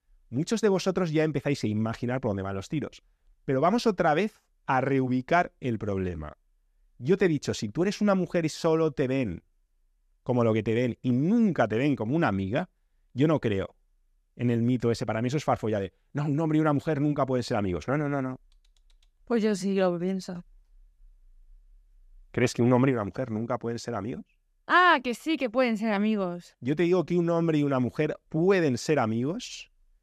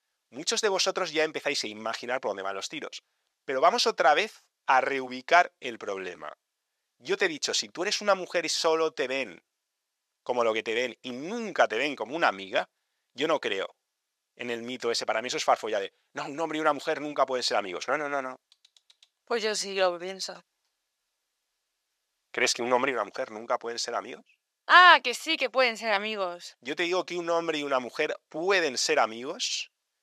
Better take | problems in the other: first | thin; very; fading below 650 Hz

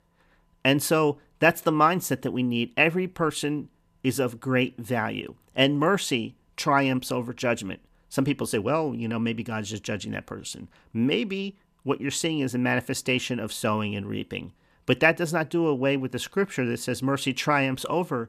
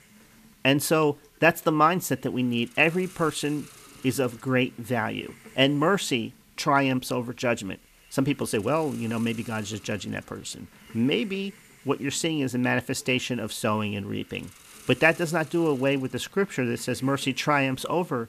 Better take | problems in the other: first | hiss; faint; throughout; 25 dB below the speech

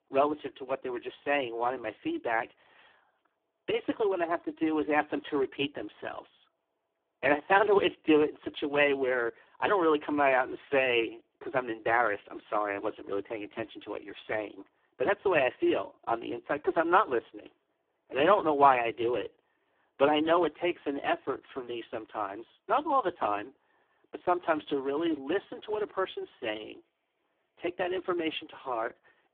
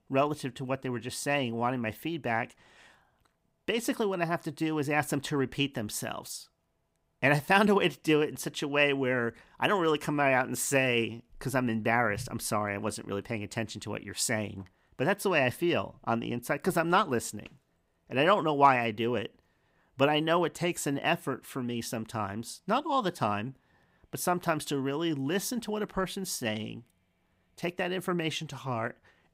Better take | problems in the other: second | phone-call audio; poor line

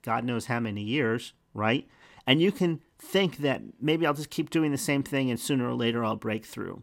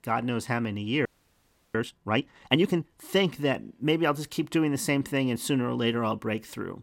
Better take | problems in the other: first | audio freezing; at 1 s for 0.5 s

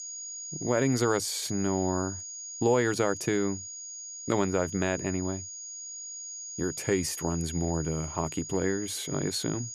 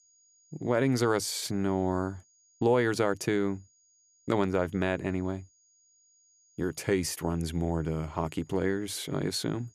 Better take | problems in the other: second | high-pitched whine; loud; throughout; 6.5 kHz, 8 dB below the speech; faint in the second

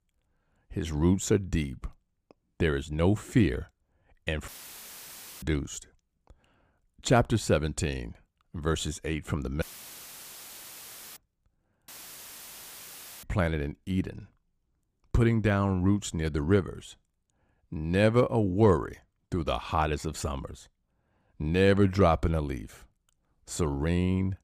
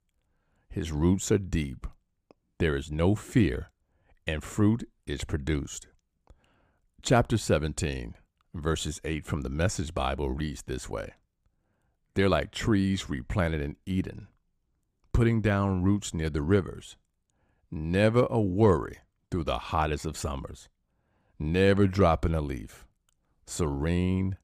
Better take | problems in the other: second | audio cutting out; filled with static; at 4.5 s for 1 s, at 9.5 s for 1.5 s and at 12 s for 1.5 s

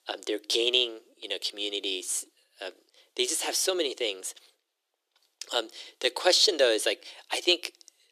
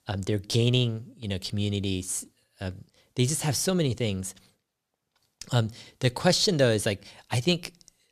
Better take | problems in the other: second | thin; very; fading below 350 Hz

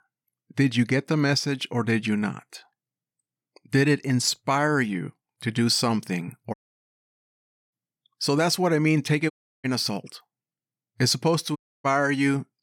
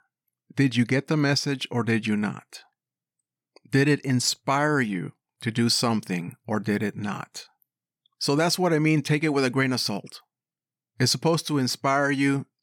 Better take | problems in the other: second | audio cutting out; at 6.5 s for 1 s, at 9.5 s and at 12 s

